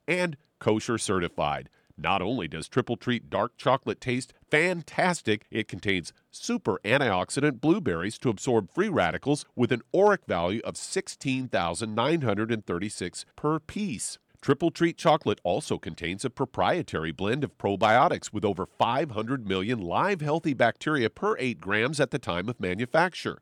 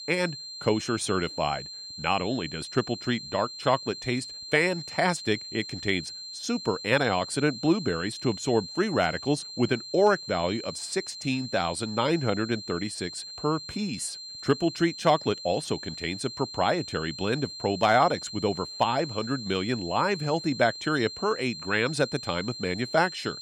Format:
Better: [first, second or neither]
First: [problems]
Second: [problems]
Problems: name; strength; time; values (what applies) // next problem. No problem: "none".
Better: first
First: none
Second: high-pitched whine; loud; throughout; 4 kHz, 10 dB below the speech